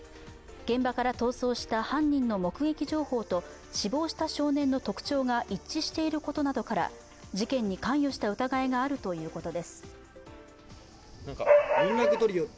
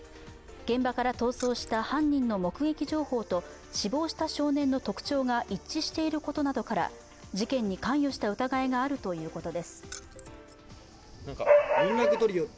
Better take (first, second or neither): first